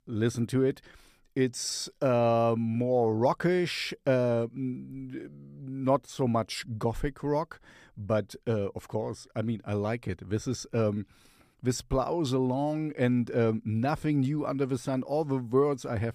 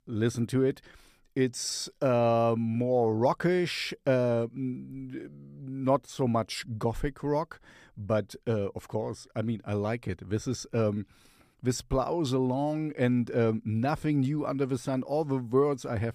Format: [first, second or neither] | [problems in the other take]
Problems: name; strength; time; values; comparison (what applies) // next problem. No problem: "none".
neither | none